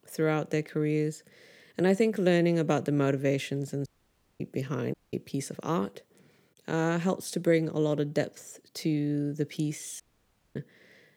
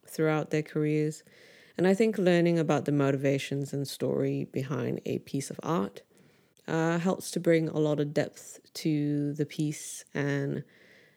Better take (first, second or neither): second